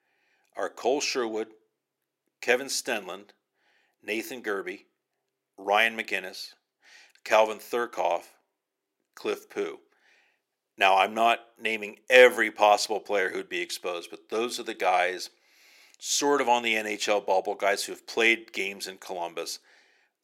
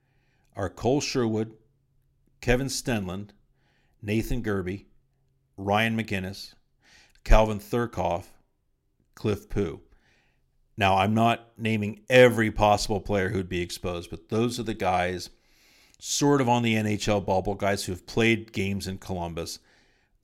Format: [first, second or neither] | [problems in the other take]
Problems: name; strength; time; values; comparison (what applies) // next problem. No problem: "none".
second | thin; very; fading below 400 Hz